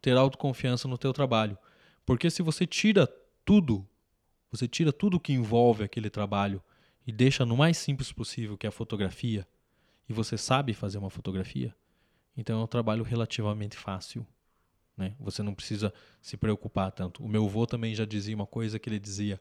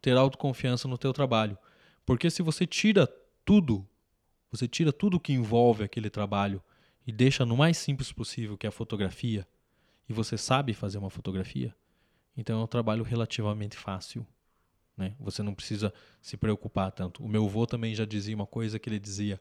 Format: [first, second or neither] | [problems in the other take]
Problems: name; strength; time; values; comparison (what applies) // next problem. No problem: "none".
neither | none